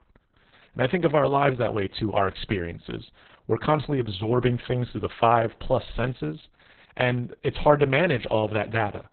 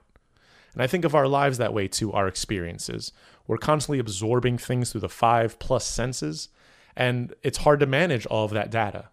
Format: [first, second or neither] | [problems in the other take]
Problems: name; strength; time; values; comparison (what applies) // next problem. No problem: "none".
second | garbled, watery; badly; nothing above 4 kHz